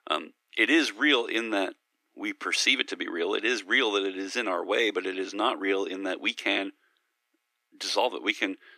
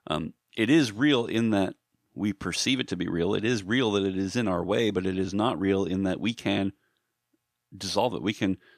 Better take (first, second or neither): second